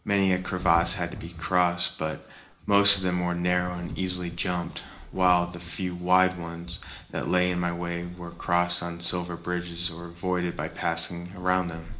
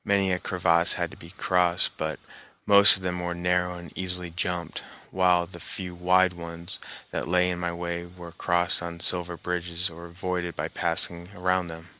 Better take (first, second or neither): second